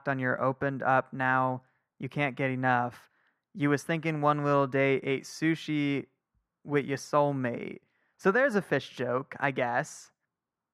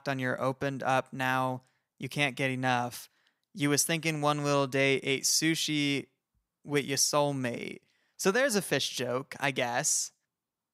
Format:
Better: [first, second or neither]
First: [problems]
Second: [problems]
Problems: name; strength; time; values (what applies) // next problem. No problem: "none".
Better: second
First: muffled; very; fading above 3 kHz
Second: none